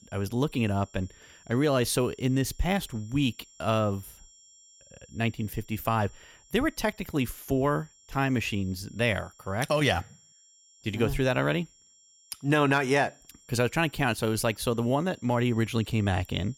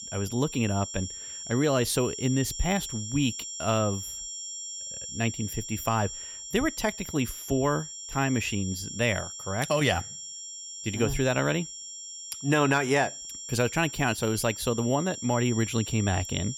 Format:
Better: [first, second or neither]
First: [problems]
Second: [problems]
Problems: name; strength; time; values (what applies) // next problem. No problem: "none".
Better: first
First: high-pitched whine; faint; throughout; 7.5 kHz, 25 dB below the speech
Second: high-pitched whine; loud; throughout; 7.5 kHz, 8 dB below the speech